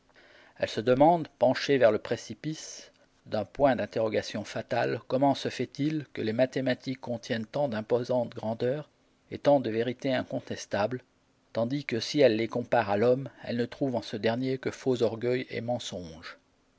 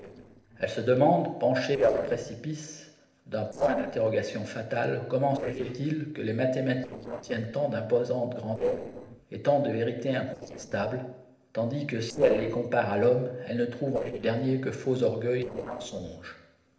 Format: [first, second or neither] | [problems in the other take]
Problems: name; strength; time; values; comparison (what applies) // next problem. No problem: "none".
first | noise reduction (neural separator model SepFormer DNS4)